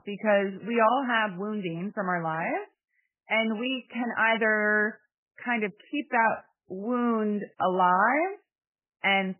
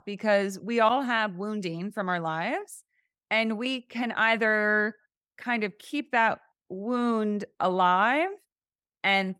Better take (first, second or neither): second